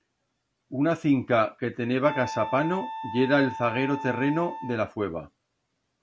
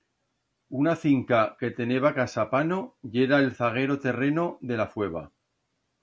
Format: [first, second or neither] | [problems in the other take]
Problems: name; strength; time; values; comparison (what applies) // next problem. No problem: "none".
second | background sound (Wind instrument, woodwind instrument); 10 dB below the speech